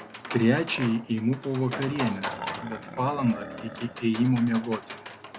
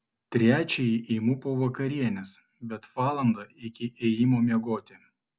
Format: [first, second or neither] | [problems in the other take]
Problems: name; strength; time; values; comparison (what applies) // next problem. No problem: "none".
second | background sound (Livestock, farm animals, working animals); 10 dB below the speech